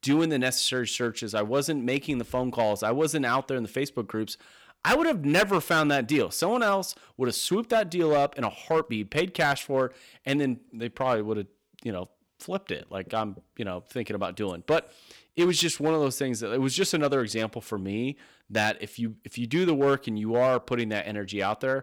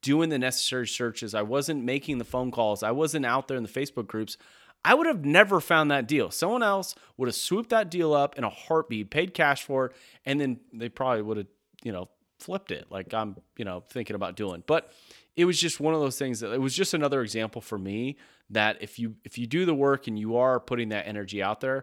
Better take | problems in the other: second | distortion; slight; 3% of the sound clipped

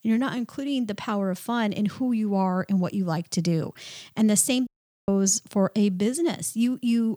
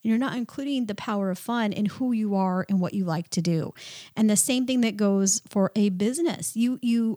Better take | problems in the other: second | audio cutting out; at 4.5 s

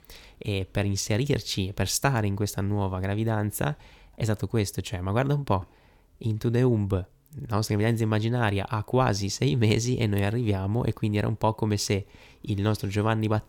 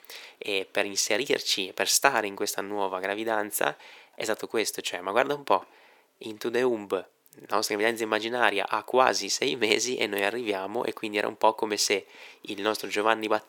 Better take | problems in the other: first | thin; very; fading below 400 Hz

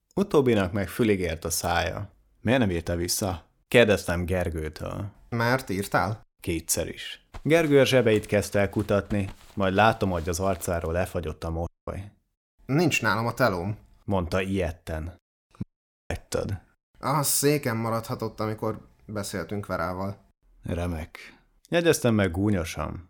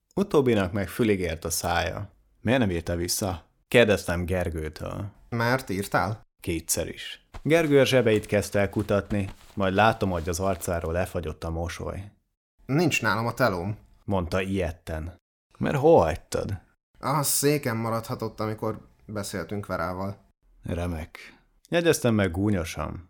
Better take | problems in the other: second | audio cutting out; at 12 s and at 16 s

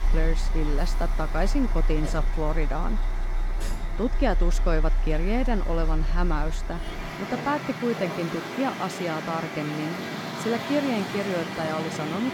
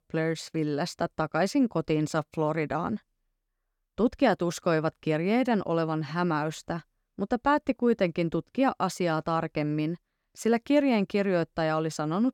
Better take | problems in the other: second | traffic noise; loud; throughout; 1 dB below the speech

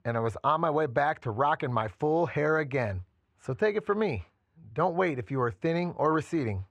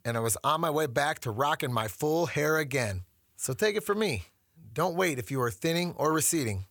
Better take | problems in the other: second | muffled; very; fading above 2 kHz

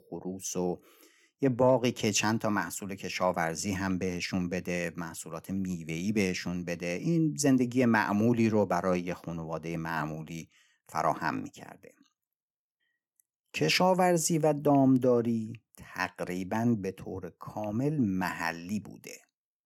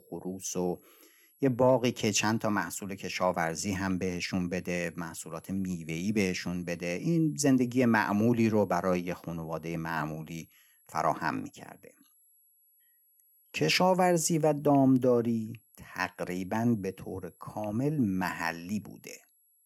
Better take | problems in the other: first | high-pitched whine; faint; throughout; 11 kHz, 35 dB below the speech

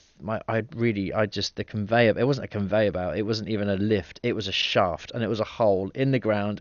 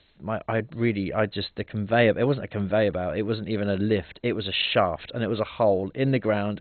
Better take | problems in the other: first | garbled, watery; badly; nothing above 4 kHz; slightly in the first

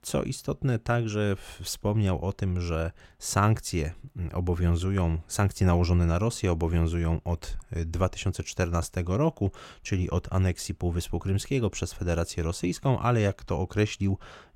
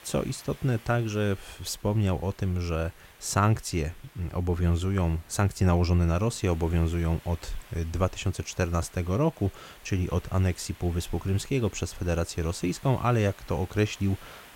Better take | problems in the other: first | hiss; faint; throughout; 25 dB below the speech

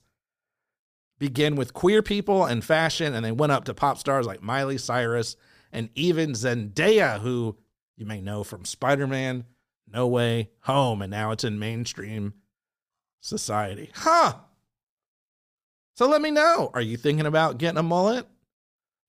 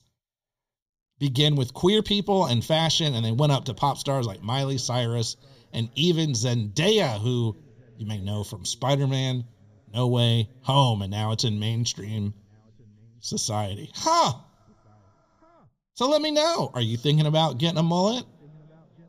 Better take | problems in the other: first | room echo; slight; dies away in 3 s

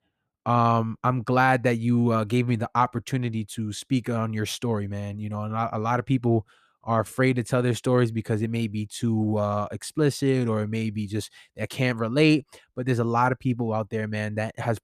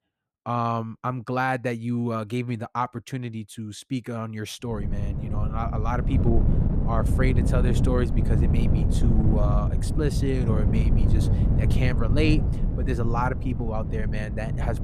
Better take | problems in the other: first | wind noise on the microphone; heavy; from 5 s on; 5 dB below the speech

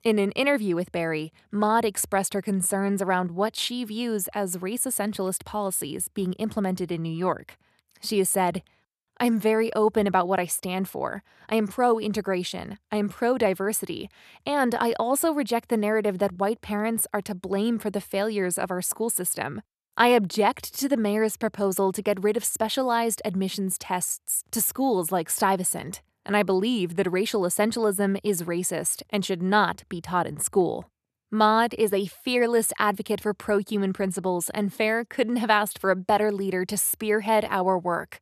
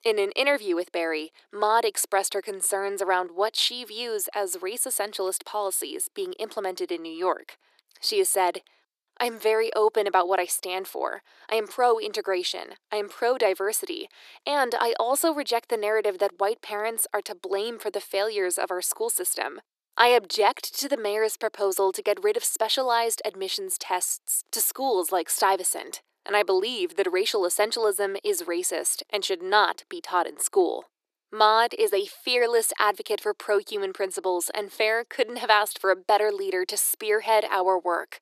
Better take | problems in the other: first | thin; very; fading below 350 Hz

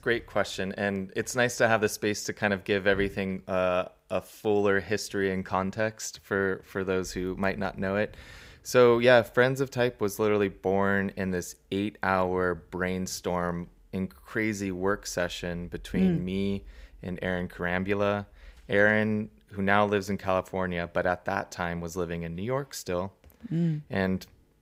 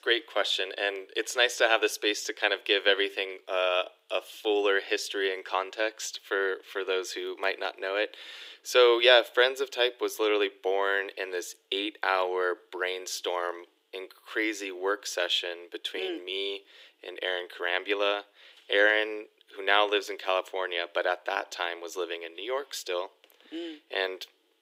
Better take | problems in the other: first | thin; very; fading below 300 Hz

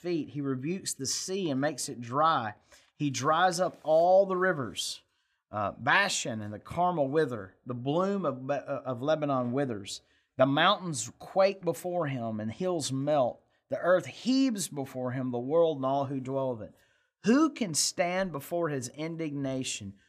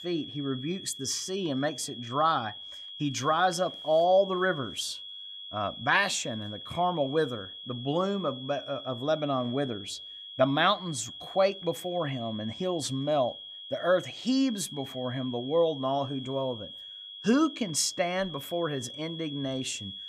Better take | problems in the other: first | high-pitched whine; noticeable; throughout; 3.5 kHz, 10 dB below the speech

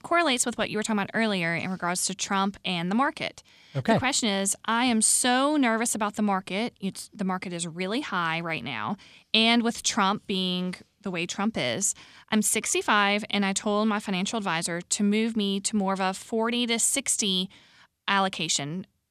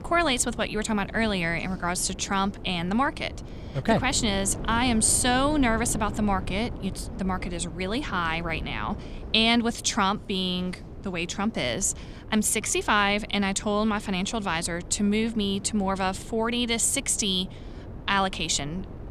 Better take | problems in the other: first | wind noise on the microphone; occasional gusts; 20 dB below the speech

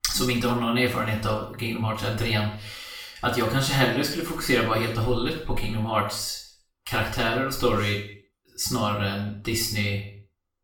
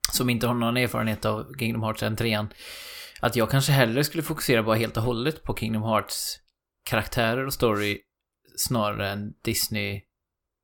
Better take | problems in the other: second | room echo; noticeable; dies away in 0.5 s // off-mic speech; far

